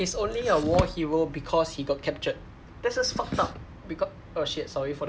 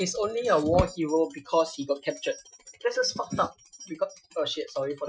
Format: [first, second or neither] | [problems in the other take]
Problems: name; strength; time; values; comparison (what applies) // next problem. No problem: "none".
first | noise reduction (classical method Wiener filter)